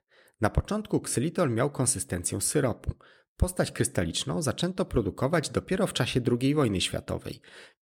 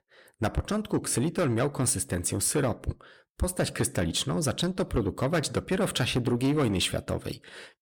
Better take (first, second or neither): first